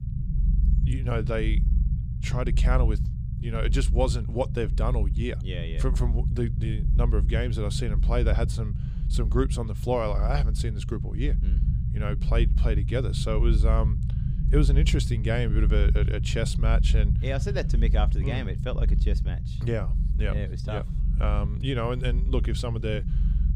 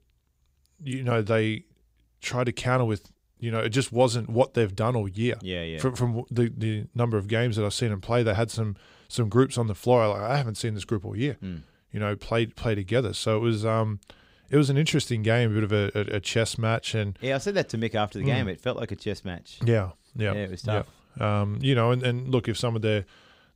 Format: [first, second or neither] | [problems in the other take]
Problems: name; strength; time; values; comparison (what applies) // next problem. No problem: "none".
second | low rumble; loud; throughout; 10 dB below the speech